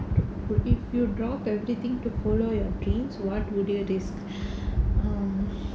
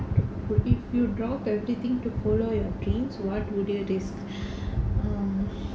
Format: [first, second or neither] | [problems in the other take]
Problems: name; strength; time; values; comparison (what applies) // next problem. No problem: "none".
first | room echo; dies away in 0.6 s